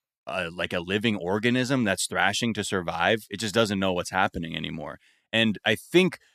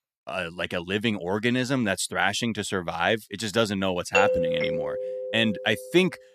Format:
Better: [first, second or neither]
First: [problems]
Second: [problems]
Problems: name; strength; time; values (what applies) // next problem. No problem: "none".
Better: first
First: none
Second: doorbell; loud; from 4 to 5.5 s; peak 4 dB above the speech